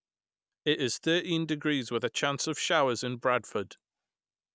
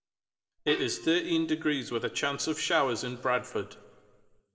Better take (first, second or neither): first